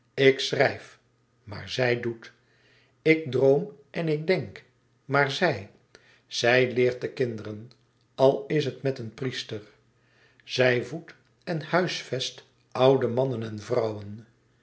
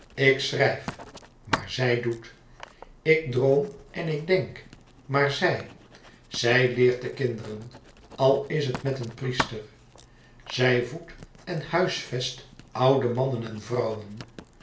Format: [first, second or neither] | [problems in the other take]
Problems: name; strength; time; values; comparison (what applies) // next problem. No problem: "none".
first | background sound (Writing); 15 dB below the speech // room echo; dies away in 0.3 s